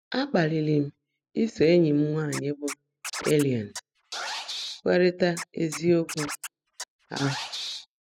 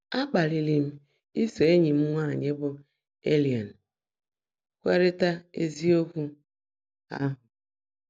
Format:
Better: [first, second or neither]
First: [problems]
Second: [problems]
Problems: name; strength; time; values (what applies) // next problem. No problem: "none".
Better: second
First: noise reduction (classical method spectral subtraction)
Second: none